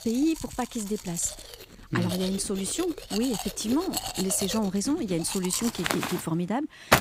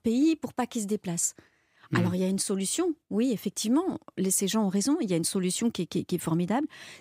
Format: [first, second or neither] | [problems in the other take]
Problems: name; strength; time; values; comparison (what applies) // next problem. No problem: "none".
second | household noises; loud; throughout; 5 dB below the speech